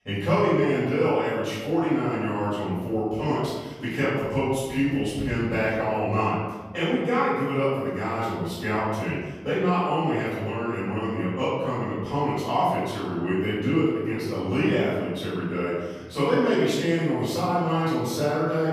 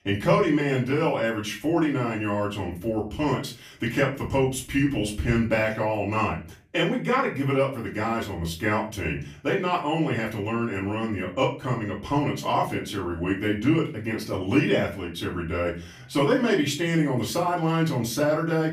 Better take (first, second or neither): second